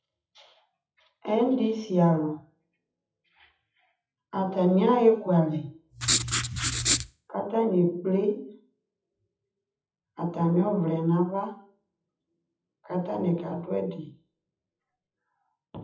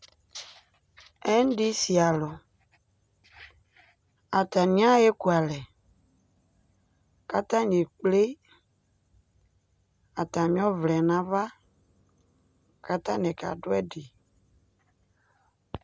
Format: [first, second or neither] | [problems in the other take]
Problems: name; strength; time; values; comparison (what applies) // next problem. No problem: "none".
second | noise reduction (classical method WPE with log-MMSE)